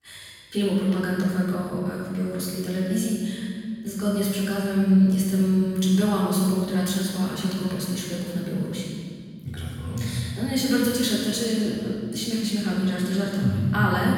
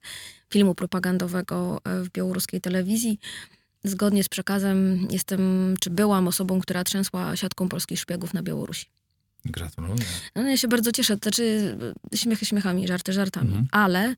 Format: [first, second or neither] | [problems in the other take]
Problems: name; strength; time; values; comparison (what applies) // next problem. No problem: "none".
second | room echo; strong; dies away in 2 s // off-mic speech; far